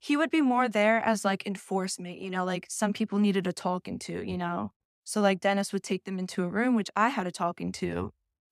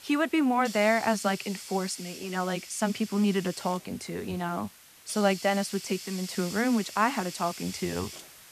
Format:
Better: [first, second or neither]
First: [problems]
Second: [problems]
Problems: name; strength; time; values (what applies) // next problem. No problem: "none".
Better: first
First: none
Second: hiss; noticeable; throughout; 10 dB below the speech